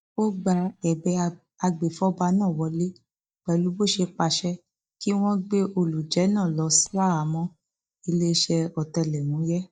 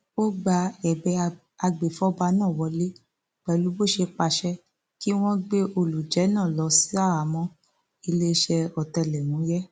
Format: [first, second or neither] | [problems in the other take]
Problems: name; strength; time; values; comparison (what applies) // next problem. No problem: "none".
second | noise reduction (neural mask model DeepFilterNet 3)